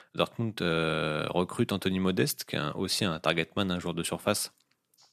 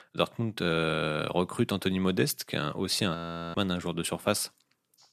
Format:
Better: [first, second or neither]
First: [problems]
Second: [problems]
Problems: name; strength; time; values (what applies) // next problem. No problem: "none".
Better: first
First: none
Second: audio freezing; at 3 s